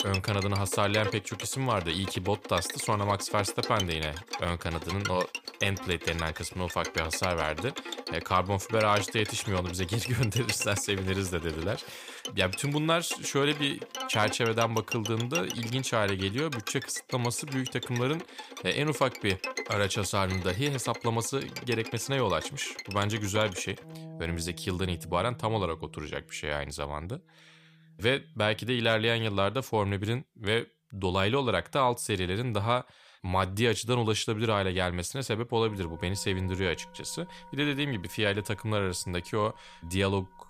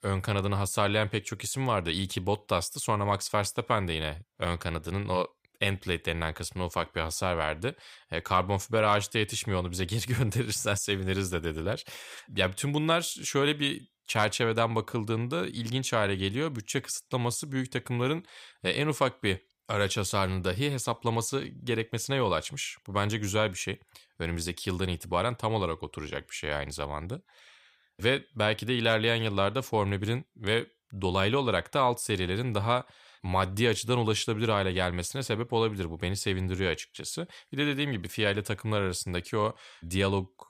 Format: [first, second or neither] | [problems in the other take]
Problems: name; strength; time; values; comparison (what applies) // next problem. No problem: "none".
second | background music; loud; throughout; 9 dB below the speech